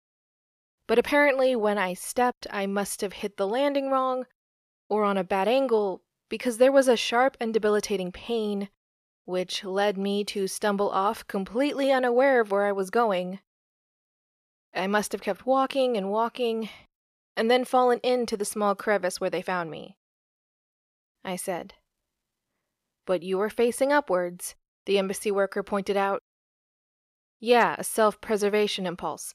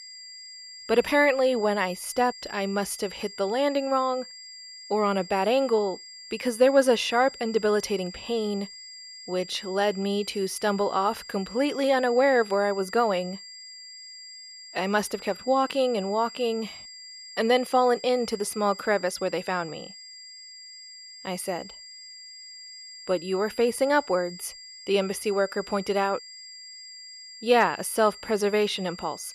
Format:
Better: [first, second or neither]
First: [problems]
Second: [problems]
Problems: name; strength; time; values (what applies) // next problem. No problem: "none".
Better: first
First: none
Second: high-pitched whine; noticeable; throughout; 5 kHz, 15 dB below the speech